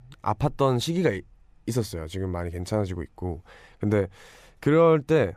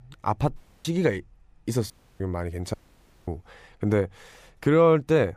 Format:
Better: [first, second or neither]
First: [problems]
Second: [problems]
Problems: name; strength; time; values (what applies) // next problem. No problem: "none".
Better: first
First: none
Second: audio cutting out; at 0.5 s, at 2 s and at 2.5 s for 0.5 s